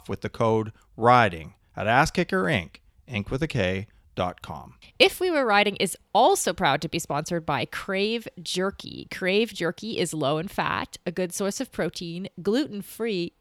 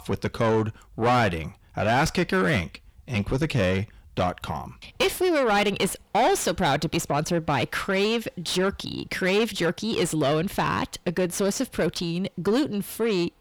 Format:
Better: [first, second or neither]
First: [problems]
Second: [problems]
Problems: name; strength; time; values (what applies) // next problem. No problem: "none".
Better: first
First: none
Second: distortion; heavy; 6 dB below the speech